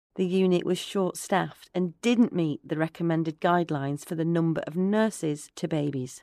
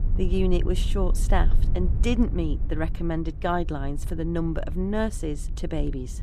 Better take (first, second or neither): first